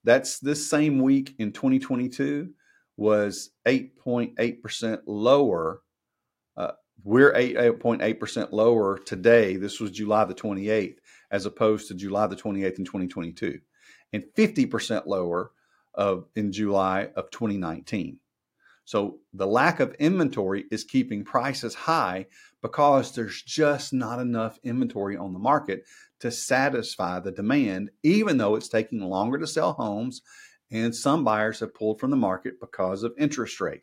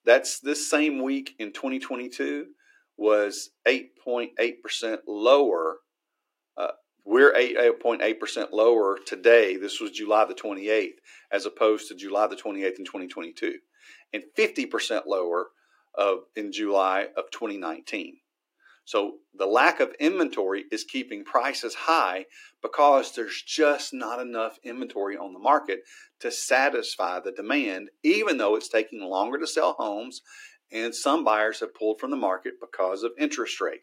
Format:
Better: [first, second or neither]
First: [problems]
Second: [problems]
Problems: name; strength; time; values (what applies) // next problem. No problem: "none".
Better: first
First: none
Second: thin; somewhat; fading below 300 Hz